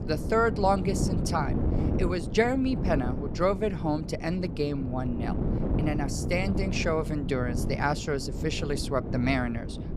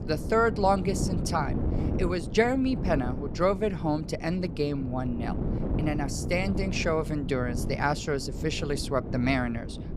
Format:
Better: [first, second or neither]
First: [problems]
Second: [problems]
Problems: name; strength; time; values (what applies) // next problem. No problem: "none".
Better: second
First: wind noise on the microphone; heavy; 9 dB below the speech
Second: wind noise on the microphone; occasional gusts; 10 dB below the speech